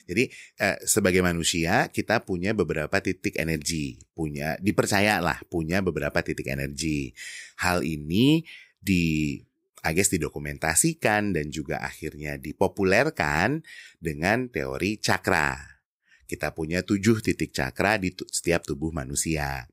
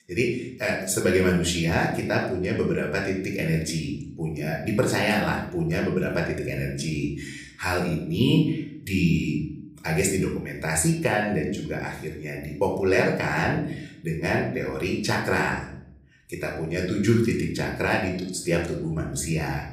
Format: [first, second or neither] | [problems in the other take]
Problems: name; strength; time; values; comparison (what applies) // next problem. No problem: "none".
first | off-mic speech; somewhat distant // room echo; noticeable; dies away in 0.7 s